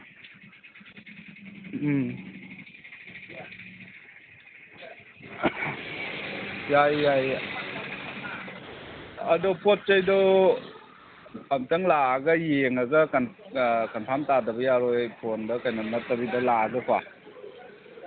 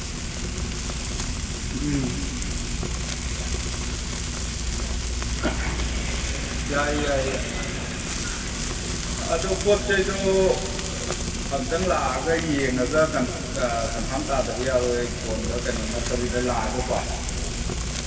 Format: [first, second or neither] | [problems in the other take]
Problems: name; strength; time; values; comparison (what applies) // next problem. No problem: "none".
first | background sound (Frying (food)); as loud as the speech // room echo; dies away in 2.2 s